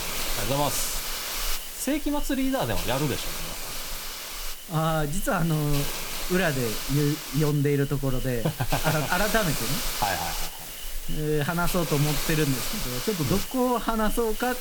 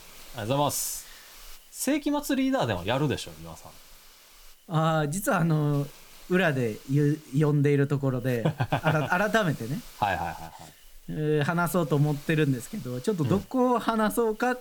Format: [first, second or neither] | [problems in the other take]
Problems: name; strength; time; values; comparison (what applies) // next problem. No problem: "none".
second | hiss; loud; throughout; 4 dB below the speech; faint in the second